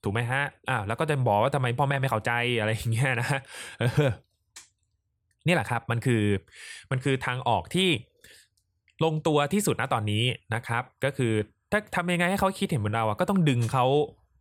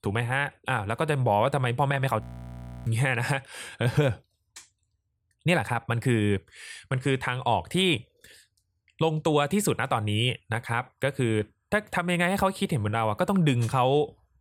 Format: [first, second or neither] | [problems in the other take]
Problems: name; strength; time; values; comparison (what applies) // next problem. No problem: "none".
first | audio freezing; at 2 s for 0.5 s